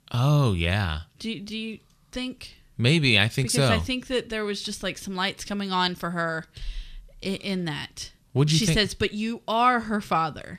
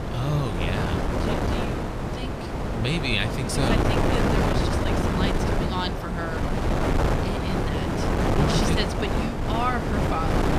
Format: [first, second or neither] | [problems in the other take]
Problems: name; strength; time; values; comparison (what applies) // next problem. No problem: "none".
first | wind noise on the microphone; heavy; 3 dB above the speech